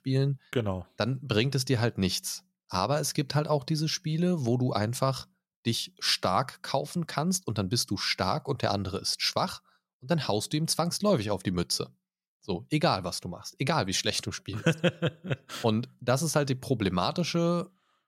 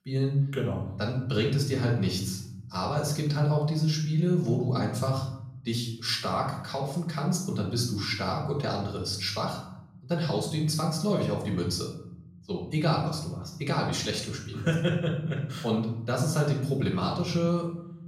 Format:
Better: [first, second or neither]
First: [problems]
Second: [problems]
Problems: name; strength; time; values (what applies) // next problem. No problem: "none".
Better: first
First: none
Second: off-mic speech; far // room echo; noticeable; dies away in 0.9 s